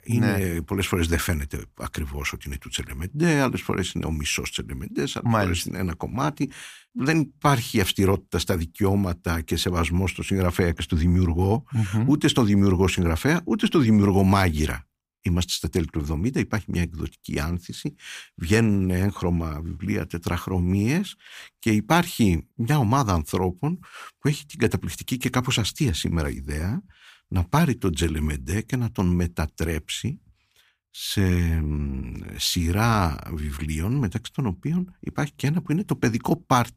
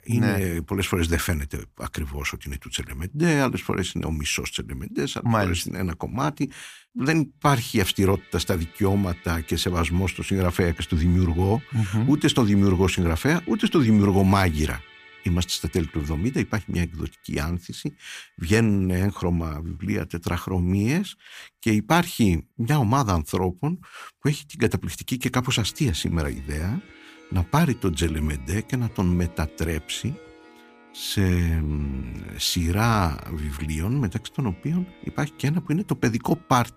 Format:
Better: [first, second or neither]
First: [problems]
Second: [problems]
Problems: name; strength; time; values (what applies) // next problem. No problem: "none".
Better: first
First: none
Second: background music; faint; from 8 s on; 25 dB below the speech